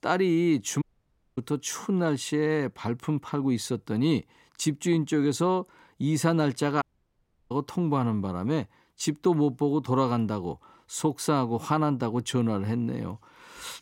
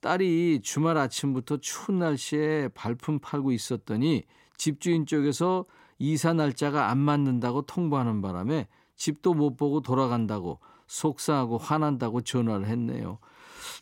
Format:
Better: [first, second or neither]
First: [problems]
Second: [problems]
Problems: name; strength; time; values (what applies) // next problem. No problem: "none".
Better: second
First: audio cutting out; at 1 s for 0.5 s and at 7 s for 0.5 s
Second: none